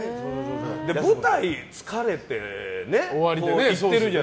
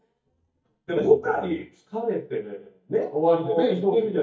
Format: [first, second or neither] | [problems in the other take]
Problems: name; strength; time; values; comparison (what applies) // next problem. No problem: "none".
first | noise reduction (neural mask model DeepFilterNet 3)